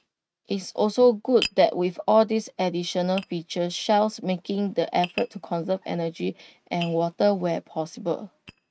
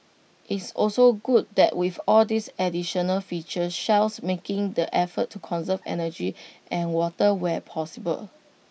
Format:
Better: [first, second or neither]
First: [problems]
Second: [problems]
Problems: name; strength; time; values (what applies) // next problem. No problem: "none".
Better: second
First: noise reduction (neural mask model RNNoise)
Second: none